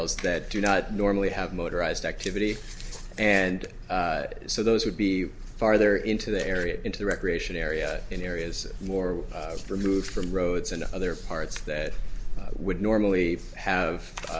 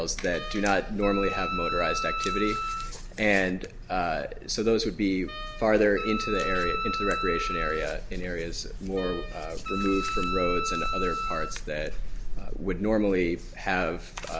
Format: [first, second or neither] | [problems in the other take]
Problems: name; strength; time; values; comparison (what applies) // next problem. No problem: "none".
first | background sound (Wind instrument, woodwind instrument); 5 dB below the speech